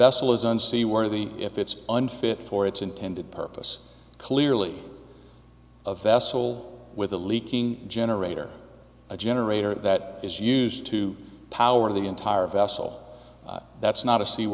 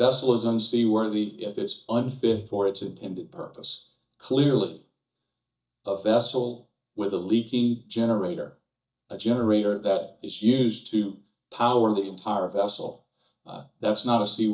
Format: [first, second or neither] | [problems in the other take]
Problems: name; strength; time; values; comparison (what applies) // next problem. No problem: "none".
first | noise reduction (neural mask model DeepFilterNet 3)